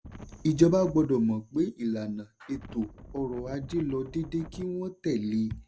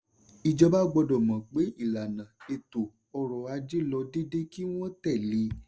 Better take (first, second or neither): second